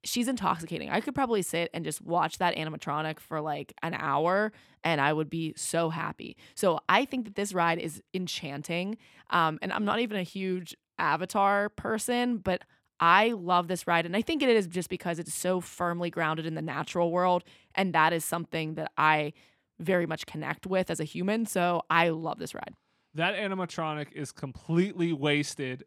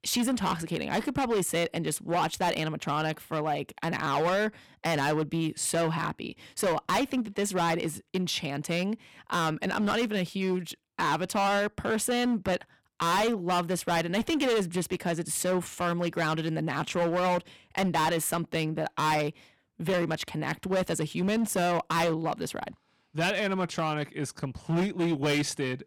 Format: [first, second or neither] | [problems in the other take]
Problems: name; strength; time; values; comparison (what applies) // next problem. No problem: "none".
first | distortion; heavy; 13% of the sound clipped